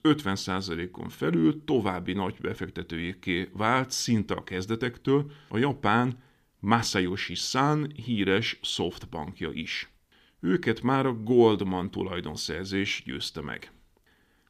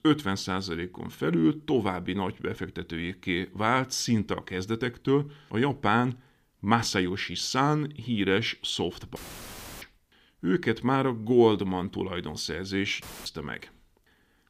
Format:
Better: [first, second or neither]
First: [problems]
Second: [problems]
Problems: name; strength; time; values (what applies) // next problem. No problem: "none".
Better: first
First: none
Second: audio cutting out; filled with static; at 9 s for 0.5 s and at 13 s